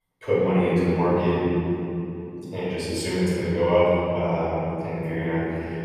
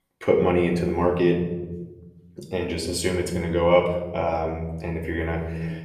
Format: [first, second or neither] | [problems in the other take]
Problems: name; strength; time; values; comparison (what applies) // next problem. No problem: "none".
second | room echo; strong; dies away in 3 s; slight in the second // off-mic speech; far; somewhat distant in the second